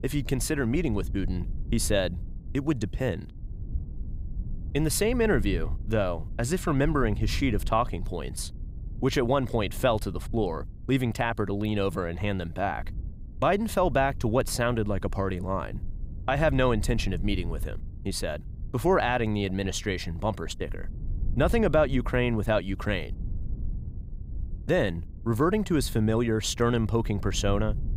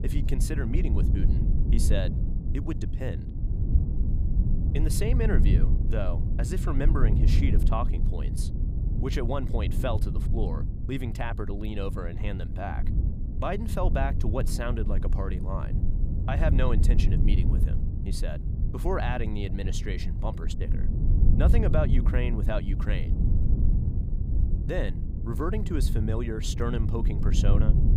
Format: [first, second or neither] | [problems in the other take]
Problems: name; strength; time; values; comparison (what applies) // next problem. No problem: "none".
first | low rumble; loud; throughout; 7 dB below the speech; faint in the first